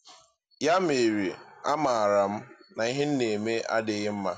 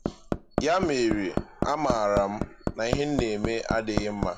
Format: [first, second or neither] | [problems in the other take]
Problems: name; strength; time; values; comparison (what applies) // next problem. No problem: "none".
first | background sound (Hammer); 4 dB below the speech